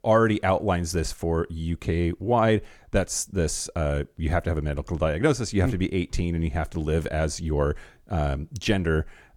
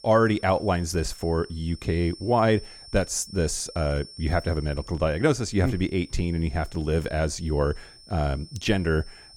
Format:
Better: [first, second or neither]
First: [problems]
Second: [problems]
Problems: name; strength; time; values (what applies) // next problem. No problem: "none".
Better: first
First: none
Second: high-pitched whine; noticeable; throughout; 5.5 kHz, 20 dB below the speech